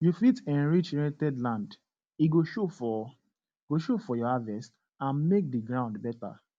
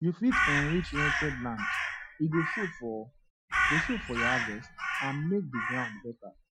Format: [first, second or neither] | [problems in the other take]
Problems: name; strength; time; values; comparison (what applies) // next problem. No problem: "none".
first | noise reduction (classical method Wiener filter)